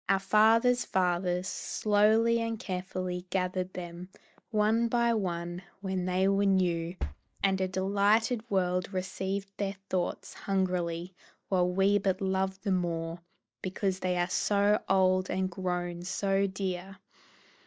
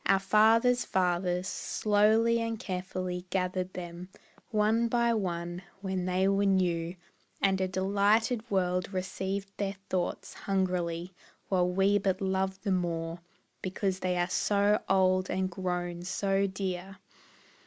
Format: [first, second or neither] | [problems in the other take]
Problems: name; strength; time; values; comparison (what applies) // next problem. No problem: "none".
second | noise reduction (neural mask model DeepFilterNet 3)